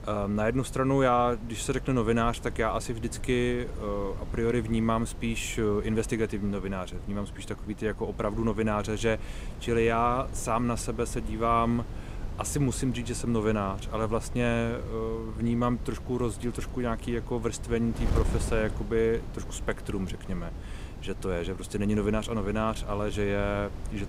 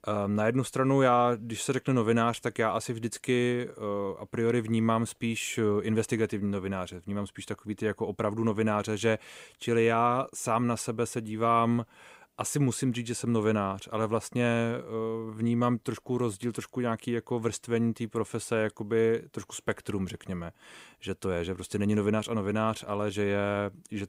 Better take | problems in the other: second | wind noise on the microphone; occasional gusts; 15 dB below the speech

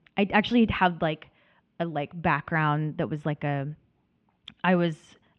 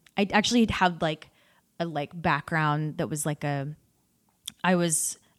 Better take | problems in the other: second | muffled; very; fading above 3 kHz

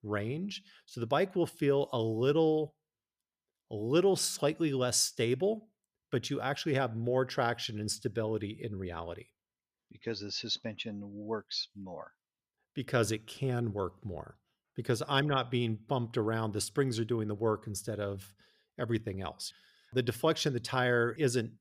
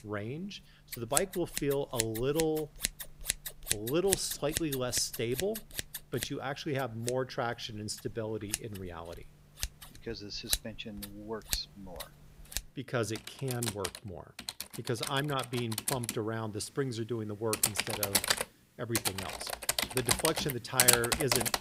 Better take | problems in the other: first | household noises; very loud; throughout; 2 dB above the speech

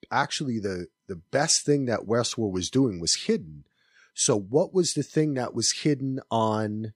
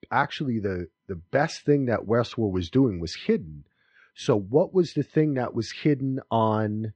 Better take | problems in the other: first | muffled; very; fading above 3 kHz

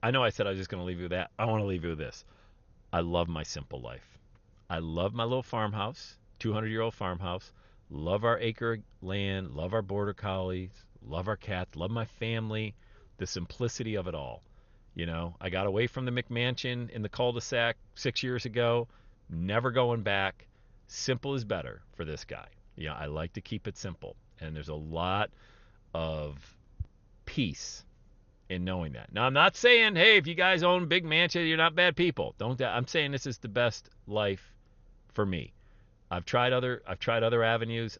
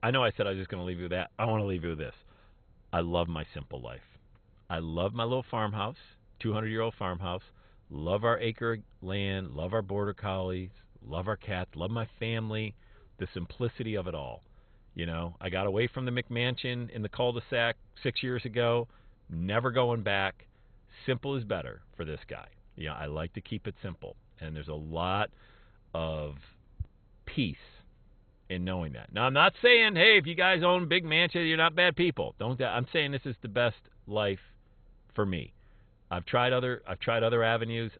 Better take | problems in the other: first | garbled, watery; badly; nothing above 4 kHz; slightly in the first

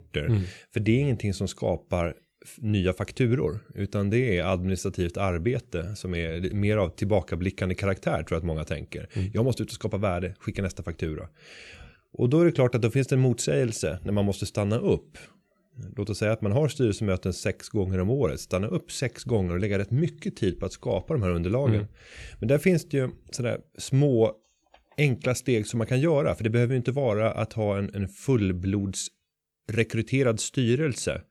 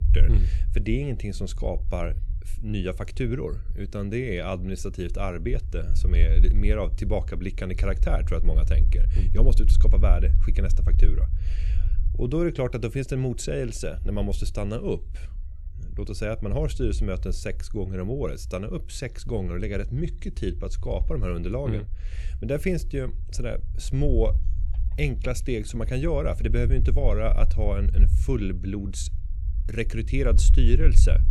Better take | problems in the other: first | low rumble; noticeable; throughout; 15 dB below the speech

